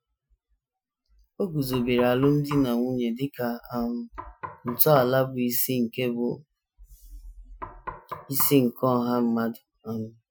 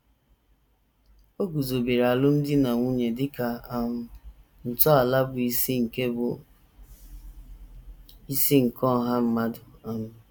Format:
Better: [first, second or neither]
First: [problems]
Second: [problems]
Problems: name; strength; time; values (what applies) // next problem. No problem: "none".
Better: second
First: noise reduction (classical method Wiener filter)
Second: none